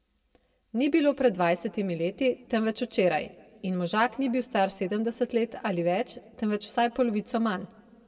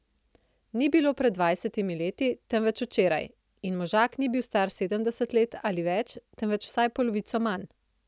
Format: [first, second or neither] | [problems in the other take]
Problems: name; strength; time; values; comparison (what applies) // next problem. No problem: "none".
second | room echo; dies away in 1.3 s